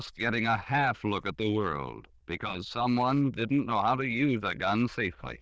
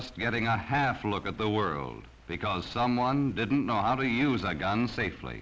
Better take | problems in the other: second | noise reduction (neural diffusion model UNIVERSE++)

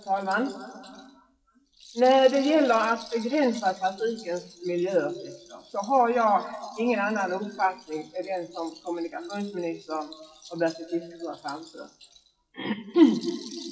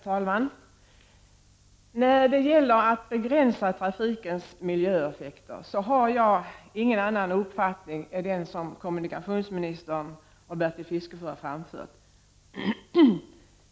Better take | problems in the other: second | noise reduction (classical method WPE with log-MMSE)

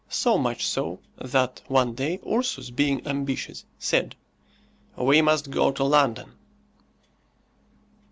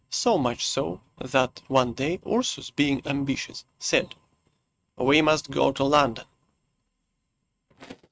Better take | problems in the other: first | noise reduction (neural mask model RNNoise)

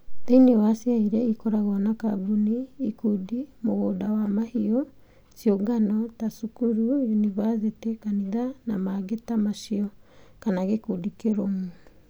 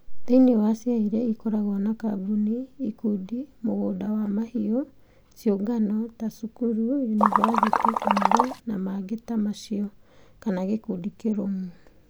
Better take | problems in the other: first | background sound (Liquid); 4 dB above the speech

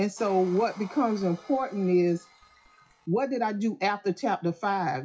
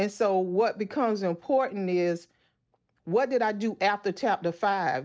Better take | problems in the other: second | noise reduction (classical method WPE with log-MMSE)

